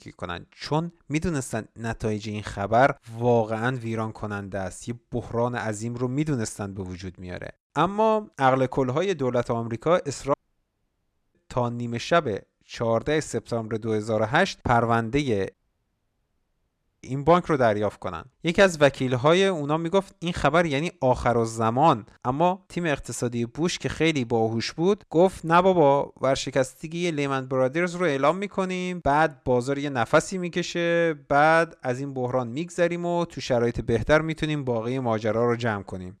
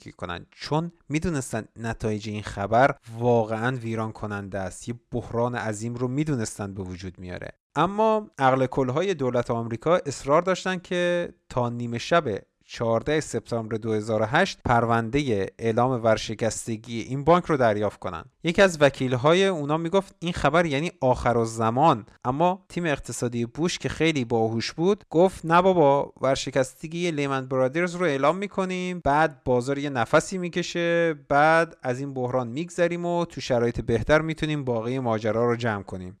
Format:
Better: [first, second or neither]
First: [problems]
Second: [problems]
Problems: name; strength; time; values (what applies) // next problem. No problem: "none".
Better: second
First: audio cutting out; at 10 s for 1 s and at 16 s for 1.5 s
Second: none